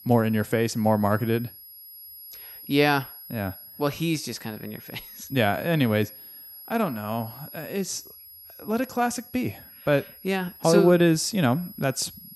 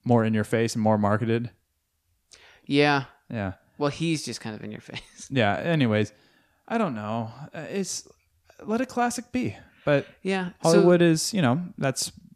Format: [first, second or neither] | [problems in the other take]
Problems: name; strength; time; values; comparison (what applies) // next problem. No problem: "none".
second | high-pitched whine; noticeable; throughout; 11.5 kHz, 15 dB below the speech